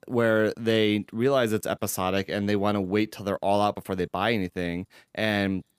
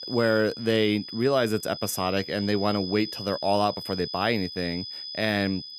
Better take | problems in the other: first | high-pitched whine; loud; throughout; 5 kHz, 9 dB below the speech

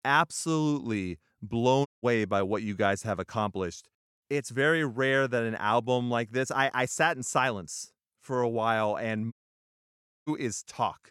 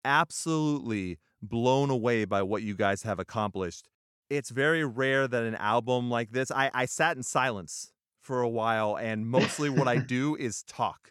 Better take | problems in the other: second | audio cutting out; at 2 s and at 9.5 s for 1 s

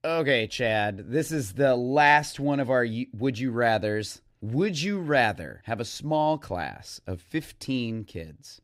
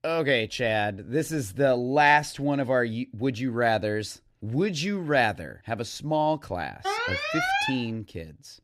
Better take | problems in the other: first | alarm; loud; at 7 s; peak 1 dB above the speech

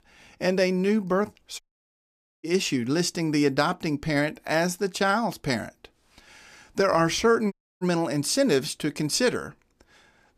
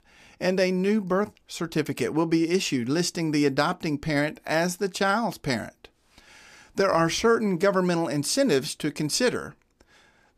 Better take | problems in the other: second | audio cutting out; at 1.5 s for 1 s and at 7.5 s

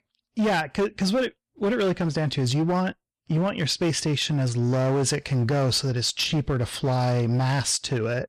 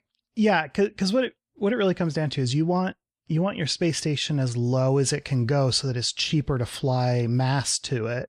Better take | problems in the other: second | distortion; slight; 15% of the sound clipped

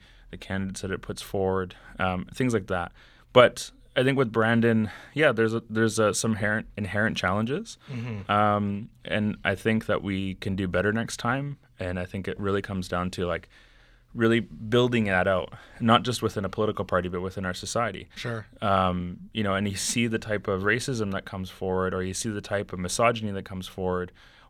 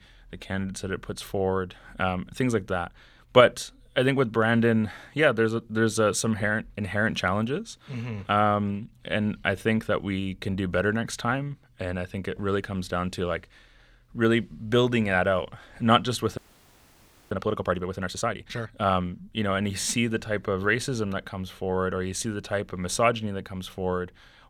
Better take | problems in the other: first | audio freezing; at 16 s for 1 s

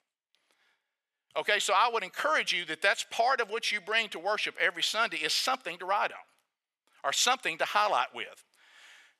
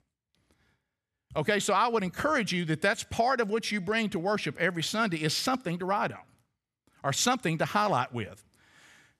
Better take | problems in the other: second | thin; very; fading below 650 Hz

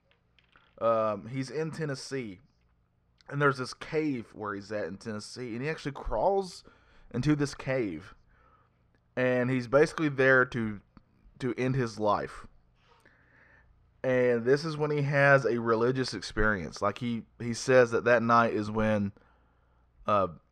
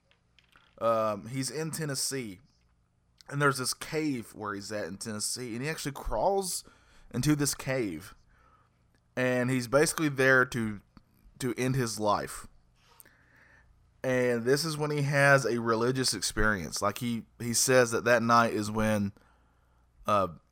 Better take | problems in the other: second | muffled; slightly; fading above 3.5 kHz

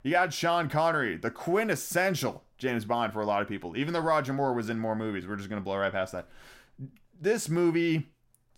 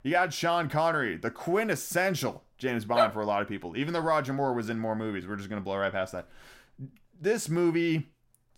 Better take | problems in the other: first | dog barking; loud; at 3 s; peak 2 dB above the speech

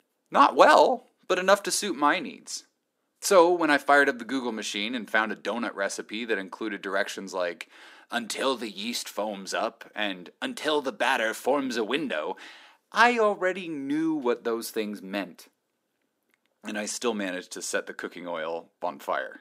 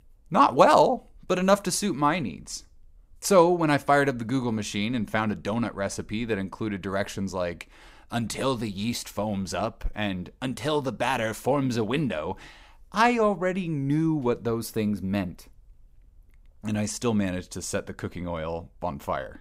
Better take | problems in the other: second | thin; very slightly; fading below 250 Hz

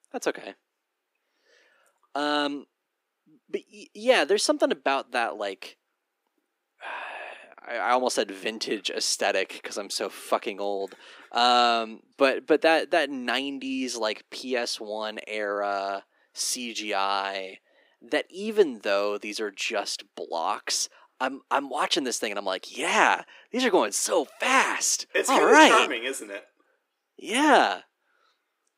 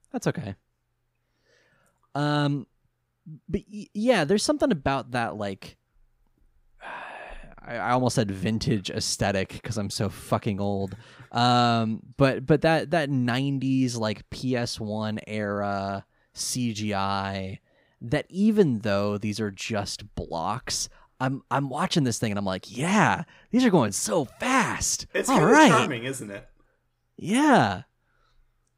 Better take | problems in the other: second | thin; somewhat; fading below 300 Hz

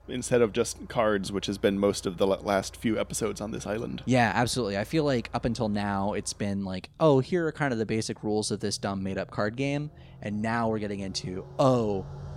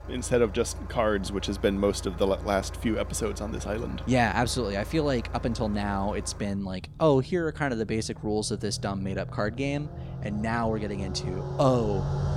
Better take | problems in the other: first | traffic noise; loud; throughout; 10 dB below the speech; faint in the first

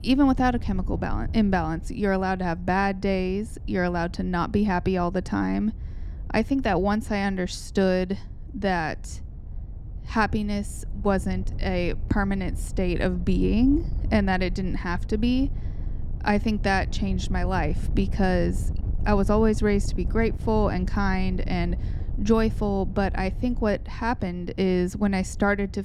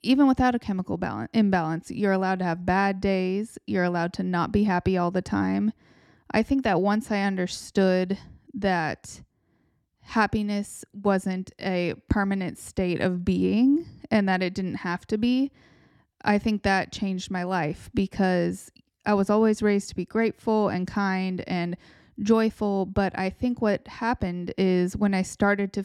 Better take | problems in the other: second | wind noise on the microphone; occasional gusts; 20 dB below the speech

